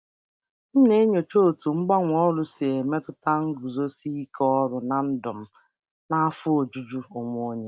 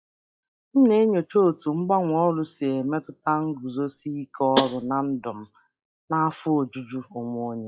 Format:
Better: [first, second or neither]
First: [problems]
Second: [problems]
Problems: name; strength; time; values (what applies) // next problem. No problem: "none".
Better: first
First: none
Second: noise reduction (classical method log-MMSE)